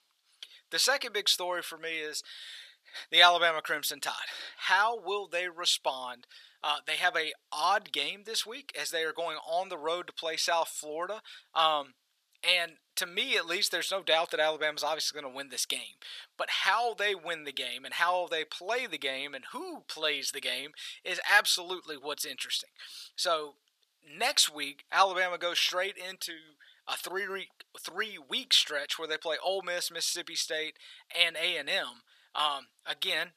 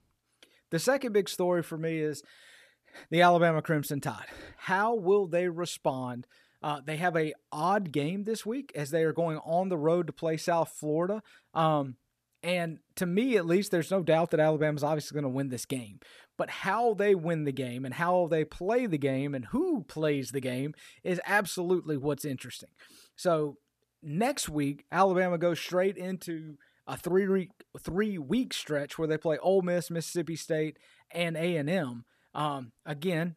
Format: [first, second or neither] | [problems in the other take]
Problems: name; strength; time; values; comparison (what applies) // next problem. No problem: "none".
second | thin; very; fading below 950 Hz